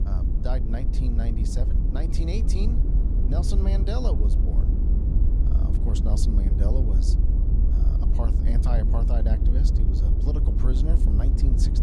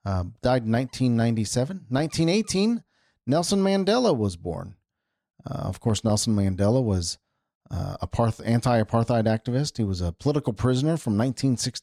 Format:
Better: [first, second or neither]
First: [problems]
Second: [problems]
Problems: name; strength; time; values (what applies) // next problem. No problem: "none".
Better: second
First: low rumble; loud; throughout; 2 dB below the speech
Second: none